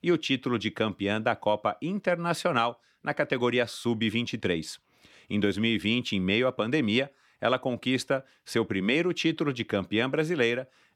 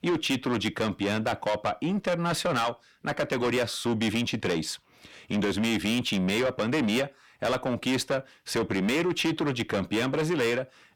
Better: first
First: none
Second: distortion; heavy; 7 dB below the speech

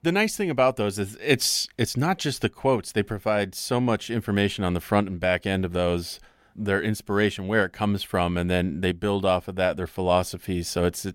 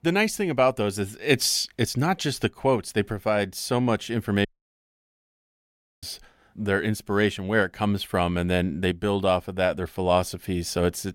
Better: first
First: none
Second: audio cutting out; at 4.5 s for 1.5 s

